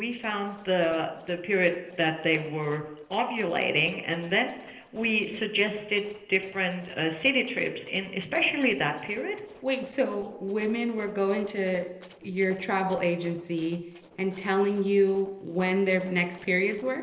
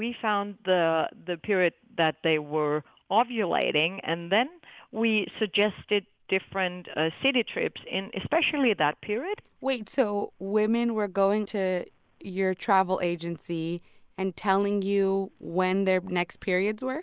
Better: second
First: noise reduction (neural separator model SepFormer DNS4)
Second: none

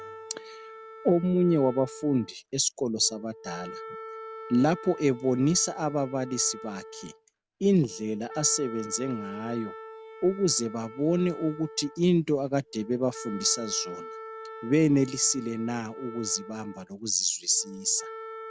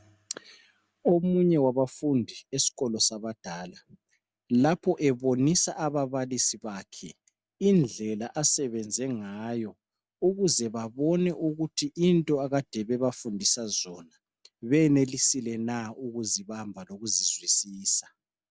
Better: second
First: background sound (Wind instrument, woodwind instrument); 15 dB below the speech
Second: none

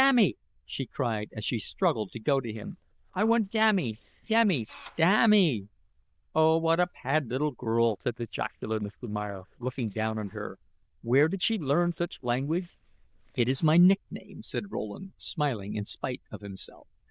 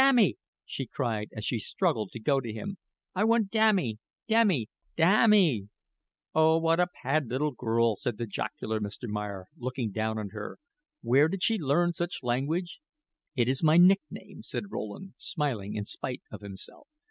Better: second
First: noise reduction (neural diffusion model UNIVERSE++)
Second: none

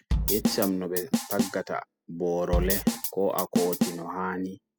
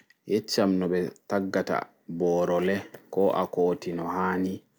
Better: second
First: noise reduction (classical method spectral subtraction)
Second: none

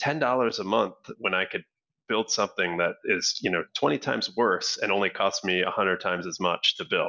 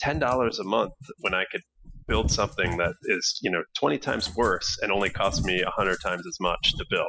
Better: first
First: none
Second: noise reduction (classical method spectral subtraction)

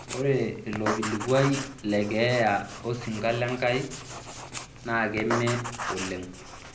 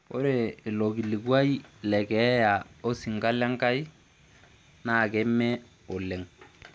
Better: second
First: background sound (Writing); 9 dB below the speech // room echo; dies away in 0.5 s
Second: none

